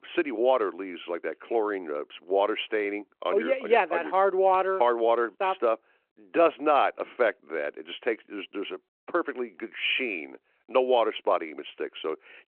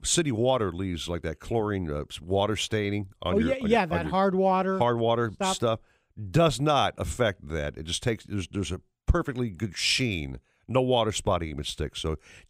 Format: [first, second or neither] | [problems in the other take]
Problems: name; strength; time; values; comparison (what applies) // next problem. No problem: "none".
second | phone-call audio